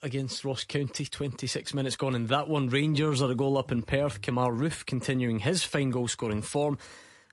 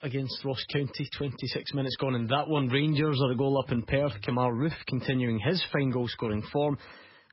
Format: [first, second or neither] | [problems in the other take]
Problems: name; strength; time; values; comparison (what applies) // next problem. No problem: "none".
first | garbled, watery; badly; nothing above 5.5 kHz; slightly in the first